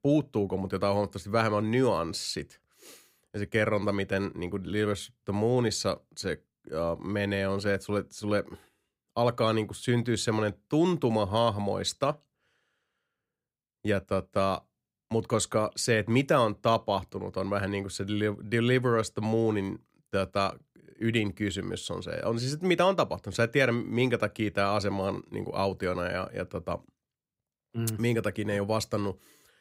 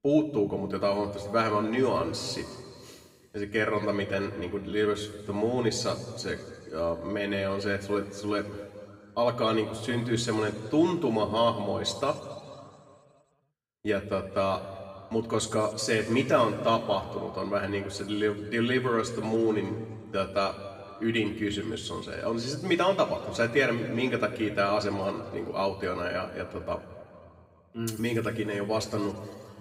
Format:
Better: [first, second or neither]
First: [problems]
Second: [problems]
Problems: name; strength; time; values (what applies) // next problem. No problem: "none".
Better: first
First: none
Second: room echo; noticeable; dies away in 1.9 s // off-mic speech; far